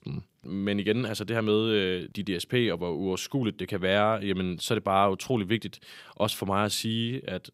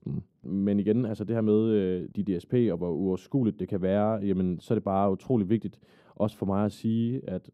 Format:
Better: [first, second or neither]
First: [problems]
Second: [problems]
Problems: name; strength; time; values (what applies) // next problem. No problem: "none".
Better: first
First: none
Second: muffled; very; fading above 1 kHz